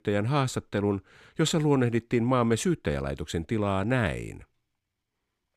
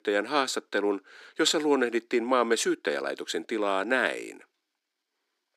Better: first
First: none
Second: thin; somewhat; fading below 300 Hz

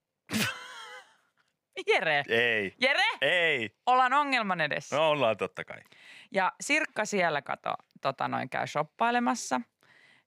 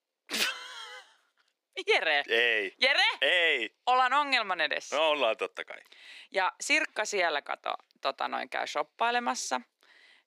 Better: first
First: none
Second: thin; somewhat; fading below 300 Hz

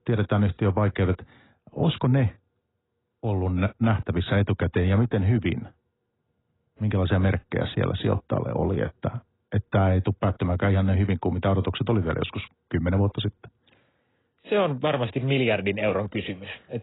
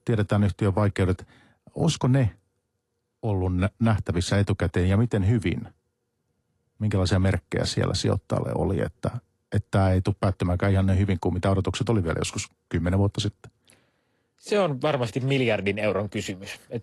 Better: second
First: garbled, watery; badly; nothing above 4 kHz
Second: garbled, watery; slightly; nothing above 11 kHz

